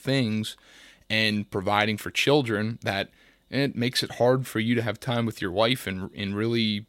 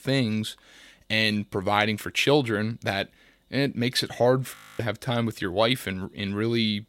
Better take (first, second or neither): first